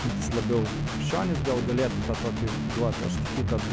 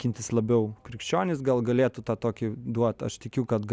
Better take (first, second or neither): second